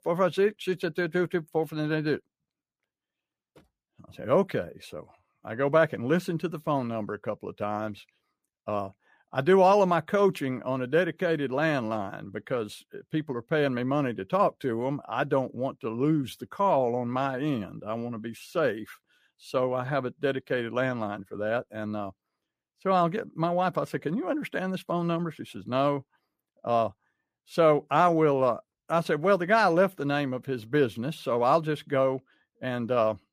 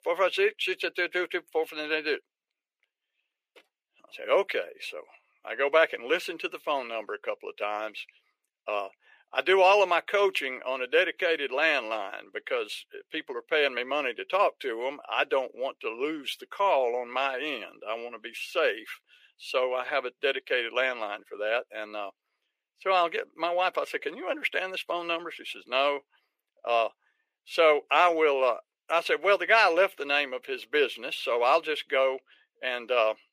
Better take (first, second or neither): first